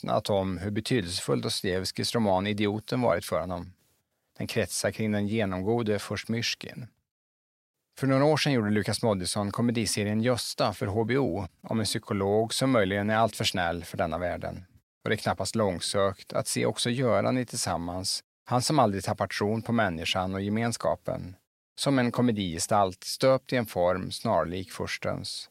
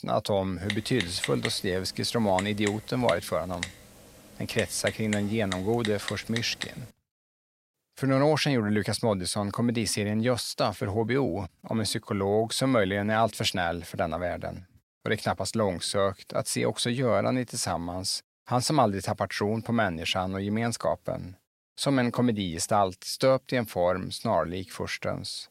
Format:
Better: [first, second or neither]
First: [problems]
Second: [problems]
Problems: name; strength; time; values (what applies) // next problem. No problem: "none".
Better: first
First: none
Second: keyboard typing; noticeable; from 0.5 to 6.5 s; peak 6 dB below the speech